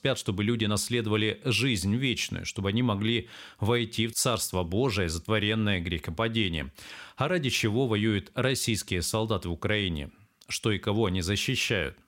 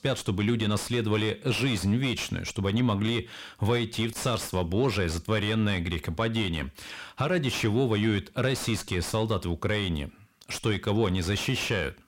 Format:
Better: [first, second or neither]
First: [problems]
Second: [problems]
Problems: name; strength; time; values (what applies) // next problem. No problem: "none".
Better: first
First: none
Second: distortion; slight; 10 dB below the speech